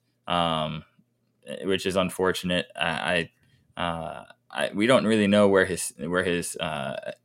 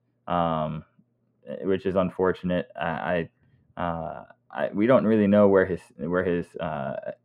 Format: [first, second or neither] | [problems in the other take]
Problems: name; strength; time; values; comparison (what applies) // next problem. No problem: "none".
first | muffled; very; fading above 3 kHz